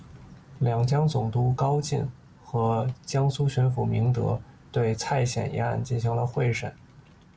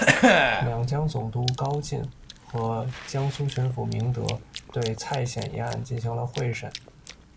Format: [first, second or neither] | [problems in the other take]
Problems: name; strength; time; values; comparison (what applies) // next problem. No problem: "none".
first | background sound (Chewing, mastication / Cough); as loud as the speech